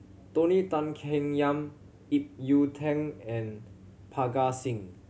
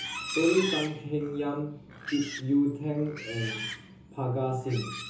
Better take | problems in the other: first | background sound (Livestock, farm animals, working animals); 9 dB below the speech // room echo; dies away in 0.6 s

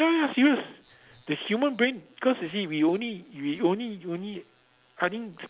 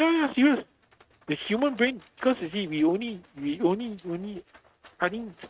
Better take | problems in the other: first | noise reduction (neural mask model RNNoise)

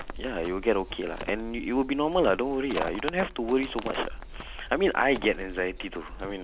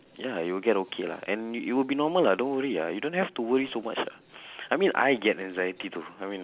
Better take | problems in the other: second | background sound (Livestock, farm animals, working animals); 11 dB below the speech

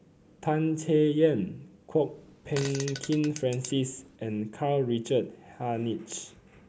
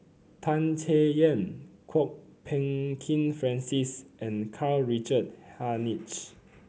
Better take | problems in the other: second | background sound (Fart); 14 dB below the speech

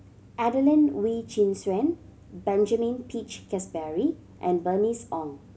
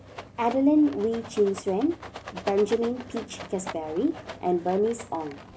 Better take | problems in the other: first | background sound (Rattle); 16 dB below the speech

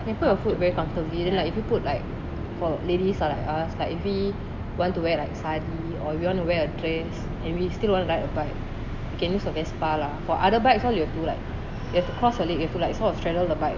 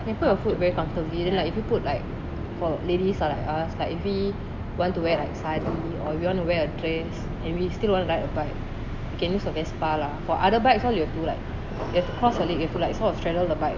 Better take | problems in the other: first | background sound (Fireworks); 11 dB below the speech

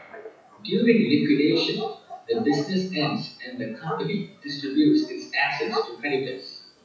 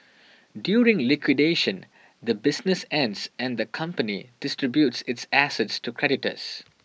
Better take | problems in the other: second | noise reduction (classical method WPE with log-MMSE)

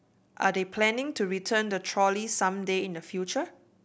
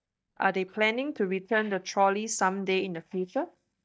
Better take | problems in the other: first | noise reduction (neural mask model DeepFilterNet 3)

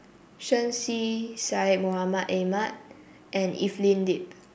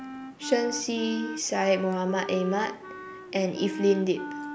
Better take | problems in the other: first | background sound (Wind instrument, woodwind instrument); 10 dB below the speech

